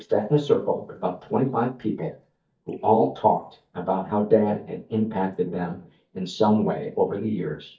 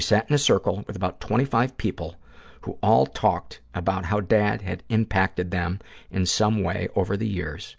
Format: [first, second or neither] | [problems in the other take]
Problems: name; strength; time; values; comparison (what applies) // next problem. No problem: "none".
second | noise reduction (neural mask model DeepFilterNet 3)